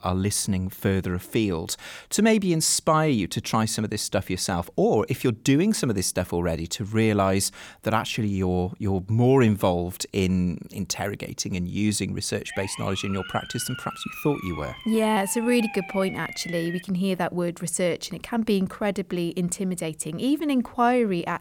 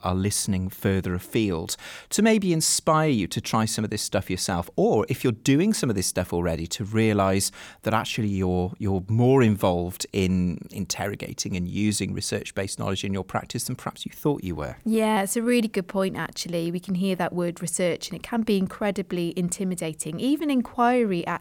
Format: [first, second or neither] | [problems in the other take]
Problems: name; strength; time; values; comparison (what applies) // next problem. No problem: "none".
second | siren; faint; from 12 to 17 s; peak 10 dB below the speech